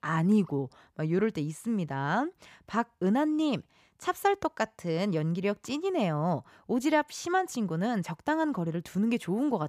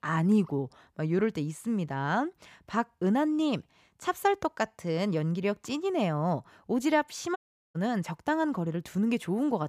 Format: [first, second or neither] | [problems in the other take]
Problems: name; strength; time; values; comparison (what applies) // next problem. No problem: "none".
first | audio cutting out; at 7.5 s